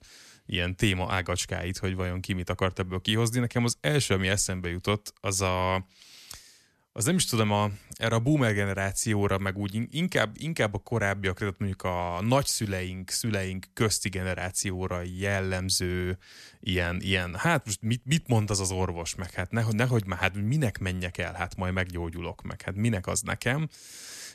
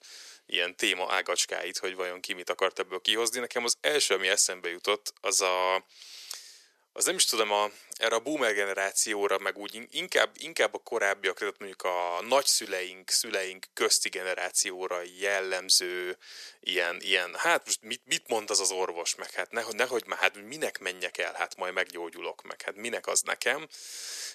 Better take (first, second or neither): first